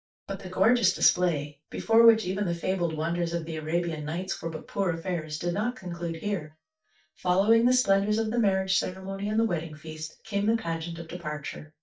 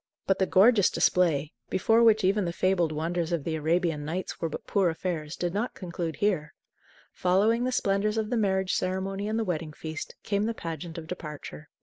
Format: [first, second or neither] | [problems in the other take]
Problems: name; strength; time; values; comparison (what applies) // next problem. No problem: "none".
second | noise reduction (neural mask model DeepFilterNet 3)